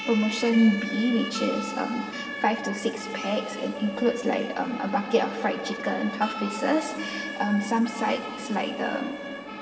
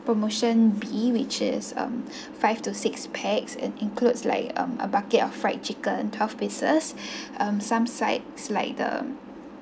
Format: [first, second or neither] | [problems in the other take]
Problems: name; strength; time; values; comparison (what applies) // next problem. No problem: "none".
second | background sound (Siren); 10 dB below the speech // room echo; dies away in 2.7 s